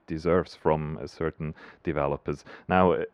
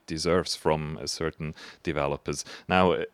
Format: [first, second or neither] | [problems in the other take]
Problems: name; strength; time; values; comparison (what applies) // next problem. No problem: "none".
second | muffled; very; fading above 3.5 kHz